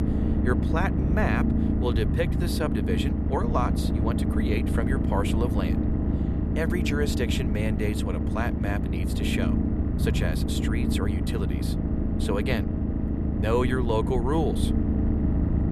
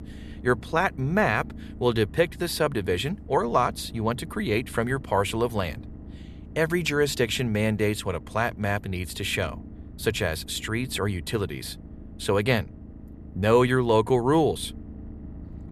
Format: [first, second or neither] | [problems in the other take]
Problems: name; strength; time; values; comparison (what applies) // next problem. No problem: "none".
second | low rumble; loud; throughout; 3 dB below the speech; faint in the second